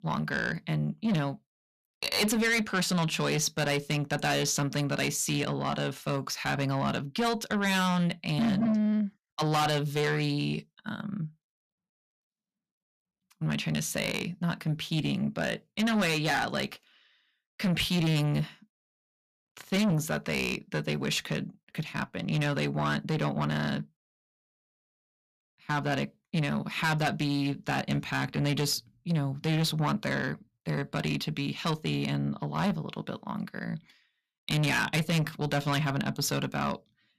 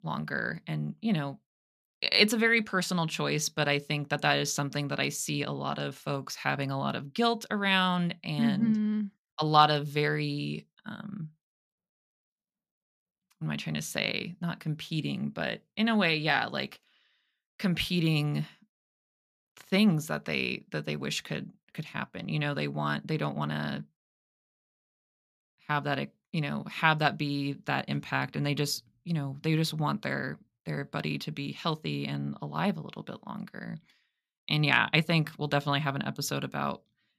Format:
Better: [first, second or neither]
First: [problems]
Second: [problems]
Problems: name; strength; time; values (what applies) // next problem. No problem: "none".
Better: second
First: distortion; heavy; 6 dB below the speech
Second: none